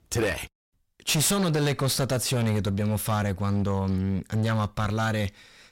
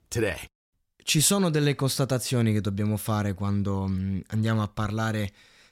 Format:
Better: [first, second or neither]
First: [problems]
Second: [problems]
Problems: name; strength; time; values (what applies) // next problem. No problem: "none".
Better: second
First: distortion; heavy; 19% of the sound clipped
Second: none